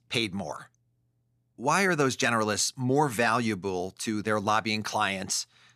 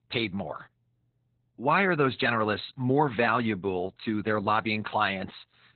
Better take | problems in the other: first | garbled, watery; badly; nothing above 4 kHz

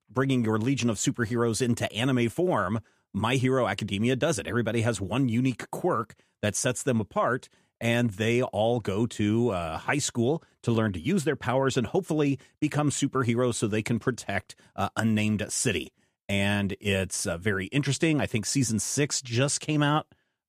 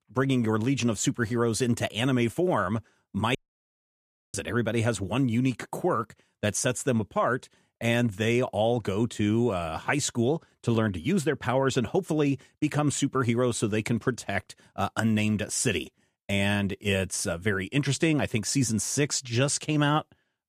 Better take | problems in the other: first | audio cutting out; at 3.5 s for 1 s

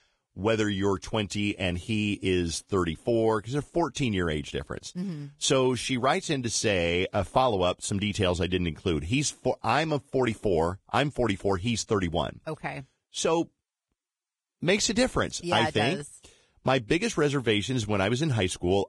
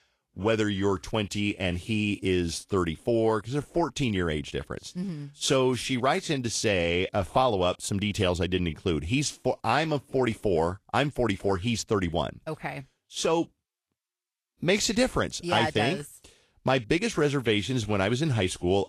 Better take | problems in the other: second | garbled, watery; badly; slightly in the second

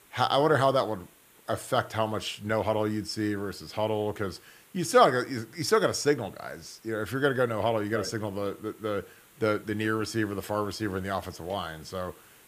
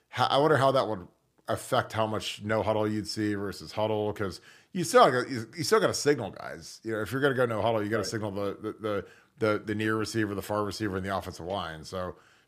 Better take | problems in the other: second | hiss; faint; throughout; 25 dB below the speech

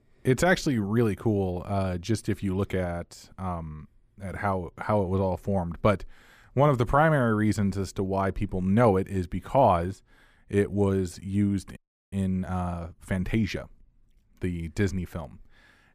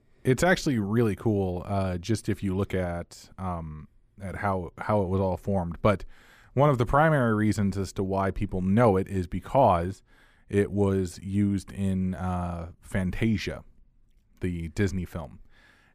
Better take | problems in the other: second | audio freezing; at 12 s

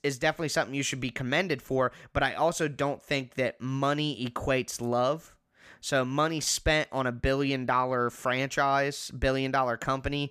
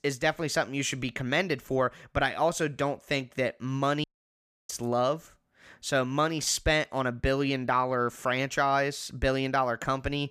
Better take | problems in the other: first | audio cutting out; at 4 s for 0.5 s

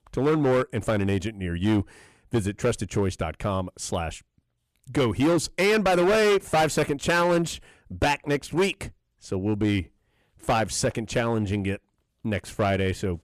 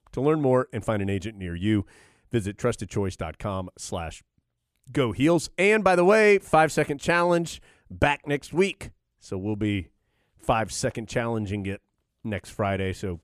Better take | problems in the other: second | distortion; heavy; 9% of the sound clipped

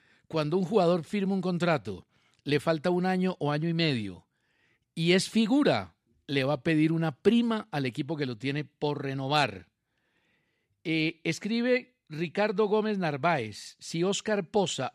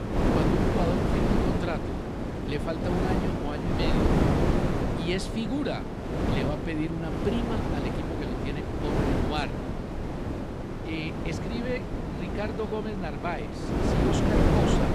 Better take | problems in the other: first | wind noise on the microphone; heavy; 3 dB above the speech

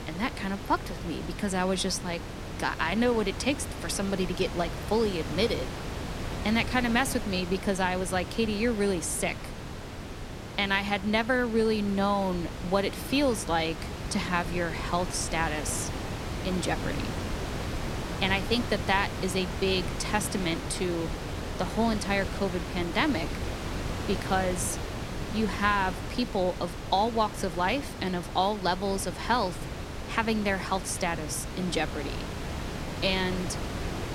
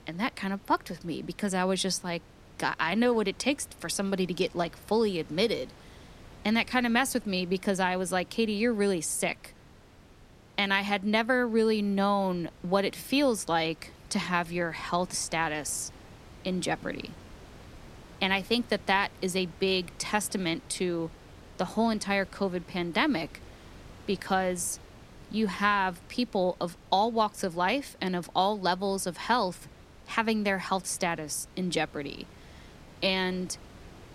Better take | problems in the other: second | wind noise on the microphone; heavy; 9 dB below the speech; occasional gusts in the second

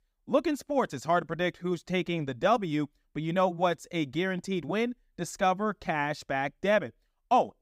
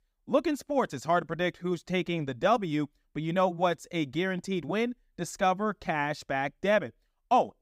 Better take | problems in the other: neither | none

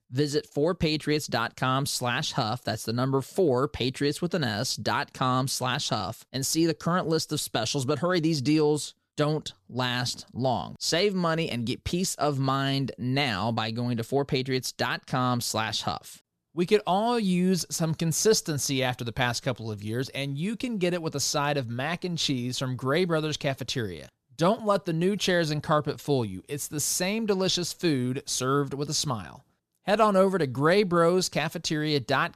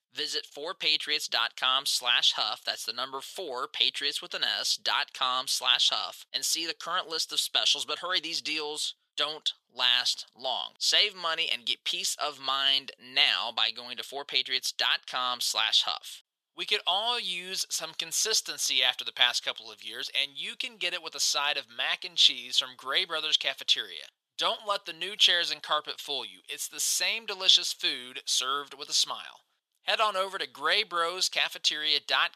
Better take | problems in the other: first | thin; very; fading below 850 Hz

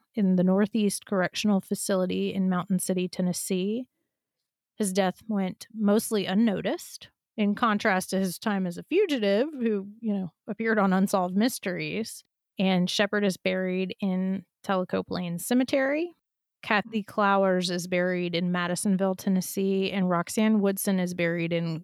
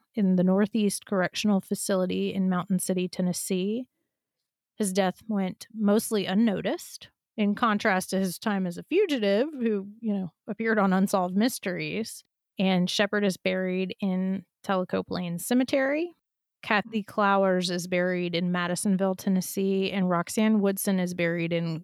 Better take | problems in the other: neither | none

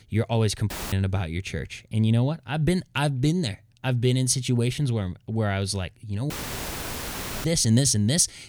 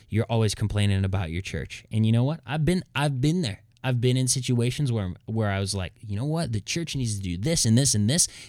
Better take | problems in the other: second | audio cutting out; filled with static; at 0.5 s and at 6.5 s for 1 s

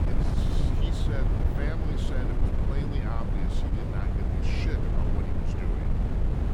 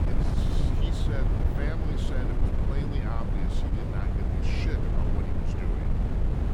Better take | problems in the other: neither | wind noise on the microphone; heavy; 3 dB above the speech; the same in both

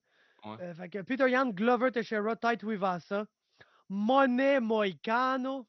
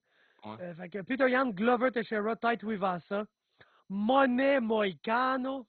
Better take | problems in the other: first | garbled, watery; badly; nothing above 4 kHz; slightly in the first

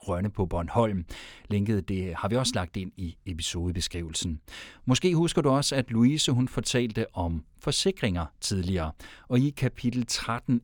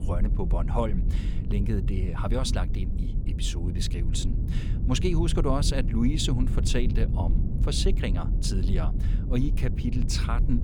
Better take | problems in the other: first | low rumble; loud; throughout; 9 dB below the speech

